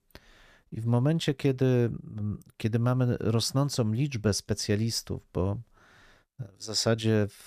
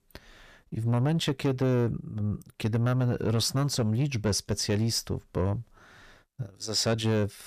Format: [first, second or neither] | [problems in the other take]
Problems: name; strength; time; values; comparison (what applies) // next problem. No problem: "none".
first | distortion; slight; 10 dB below the speech